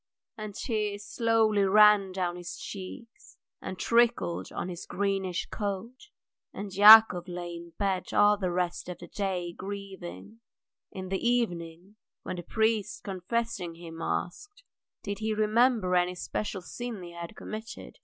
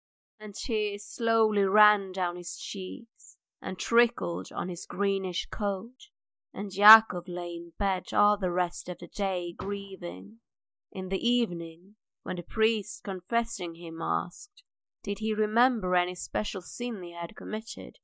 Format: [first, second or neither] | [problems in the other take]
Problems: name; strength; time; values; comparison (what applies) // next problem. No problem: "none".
first | noise reduction (neural mask model DeepFilterNet 3)